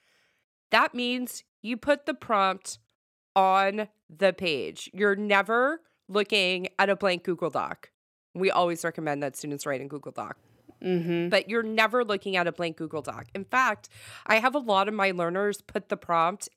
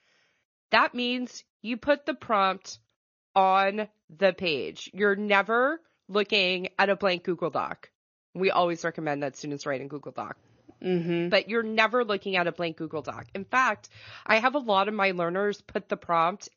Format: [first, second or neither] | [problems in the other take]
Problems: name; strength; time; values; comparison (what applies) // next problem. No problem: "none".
first | garbled, watery; slightly; nothing above 6.5 kHz